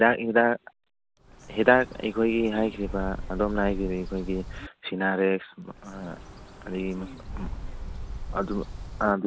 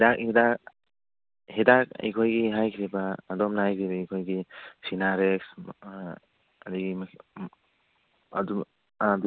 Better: second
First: background sound (Bird); 10 dB below the speech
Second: none

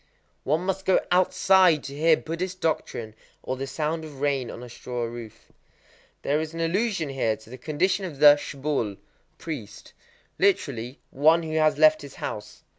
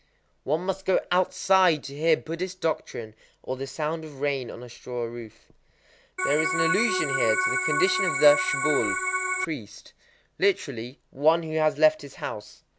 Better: first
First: none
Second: background sound (Organ); 1 dB above the speech

